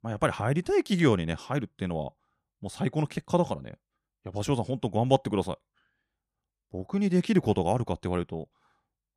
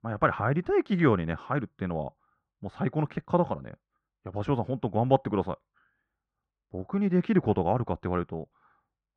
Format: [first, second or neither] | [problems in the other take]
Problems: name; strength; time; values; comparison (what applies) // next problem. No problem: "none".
first | muffled; very; fading above 2 kHz